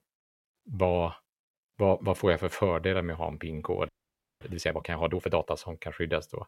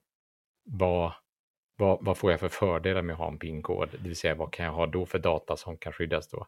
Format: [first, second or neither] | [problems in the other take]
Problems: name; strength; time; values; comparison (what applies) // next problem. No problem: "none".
second | audio freezing; at 4 s for 0.5 s